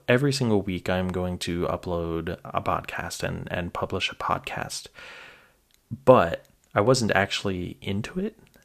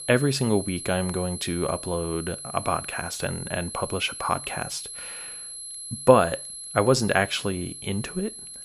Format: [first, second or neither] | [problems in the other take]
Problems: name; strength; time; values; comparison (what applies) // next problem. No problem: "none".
first | high-pitched whine; loud; throughout; 11 kHz, 9 dB below the speech